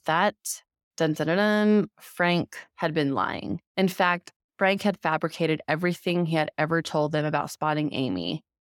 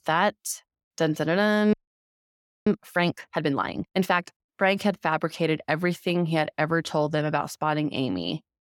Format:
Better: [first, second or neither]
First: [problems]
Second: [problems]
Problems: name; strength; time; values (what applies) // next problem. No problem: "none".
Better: first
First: none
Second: audio freezing; at 1.5 s for 1 s